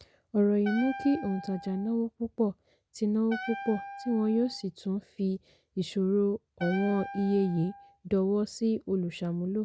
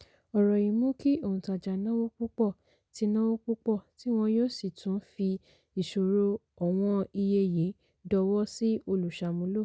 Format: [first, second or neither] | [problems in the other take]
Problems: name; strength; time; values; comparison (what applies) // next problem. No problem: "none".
second | background sound (Wind instrument, woodwind instrument); 13 dB below the speech